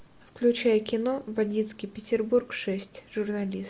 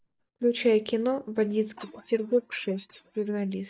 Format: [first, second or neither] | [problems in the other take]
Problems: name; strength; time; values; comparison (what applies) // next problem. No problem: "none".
first | noise reduction (neural mask model DeepFilterNet 3)